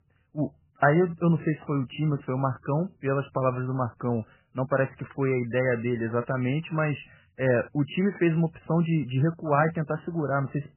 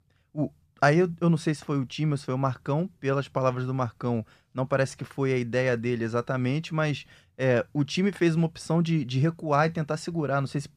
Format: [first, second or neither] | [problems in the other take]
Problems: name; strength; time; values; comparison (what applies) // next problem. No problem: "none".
second | garbled, watery; badly; nothing above 3 kHz